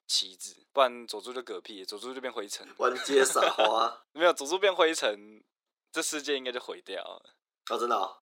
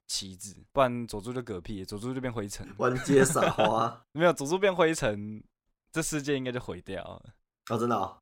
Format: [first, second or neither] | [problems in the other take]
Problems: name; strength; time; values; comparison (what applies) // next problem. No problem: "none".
second | thin; somewhat; fading below 350 Hz